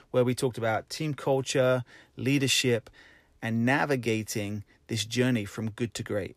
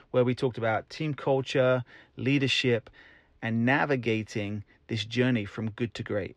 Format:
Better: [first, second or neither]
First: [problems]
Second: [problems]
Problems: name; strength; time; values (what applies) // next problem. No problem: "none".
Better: first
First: none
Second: muffled; slightly; fading above 3 kHz